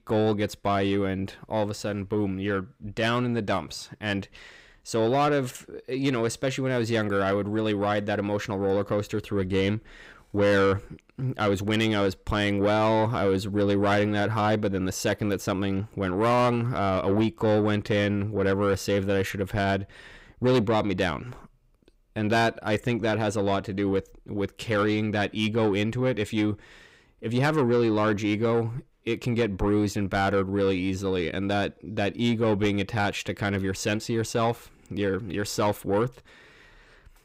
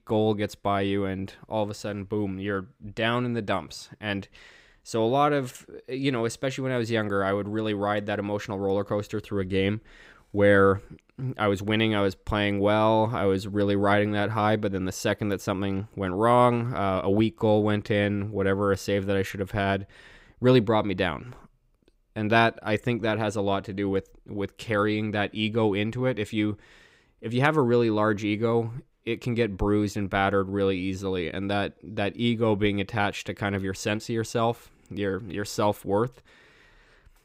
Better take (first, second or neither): second